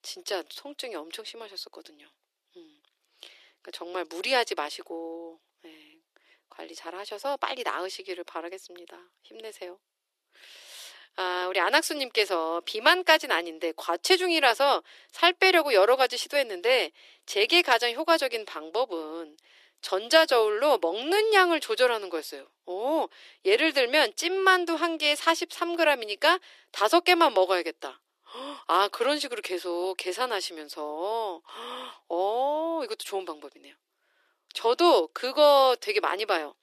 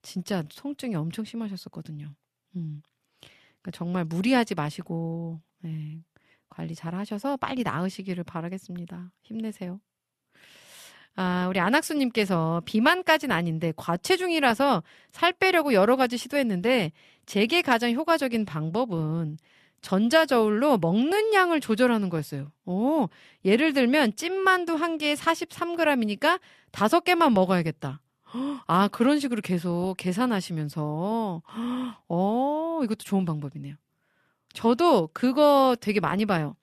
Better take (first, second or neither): second